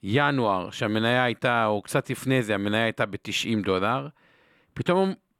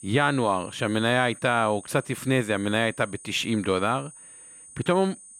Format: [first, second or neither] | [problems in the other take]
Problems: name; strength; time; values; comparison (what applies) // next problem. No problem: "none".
first | high-pitched whine; noticeable; throughout; 9 kHz, 20 dB below the speech